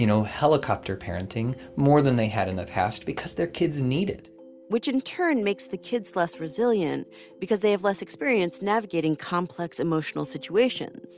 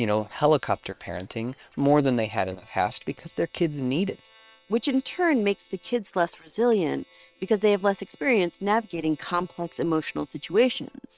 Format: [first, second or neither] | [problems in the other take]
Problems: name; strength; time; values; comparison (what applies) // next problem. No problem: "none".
first | noise reduction (neural separator model SepFormer WHAM!)